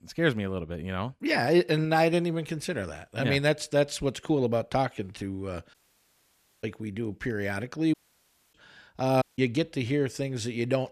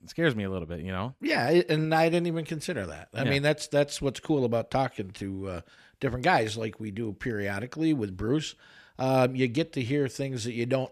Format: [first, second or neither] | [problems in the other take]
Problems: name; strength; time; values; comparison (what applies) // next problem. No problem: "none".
second | audio cutting out; at 5.5 s for 1 s, at 8 s for 0.5 s and at 9 s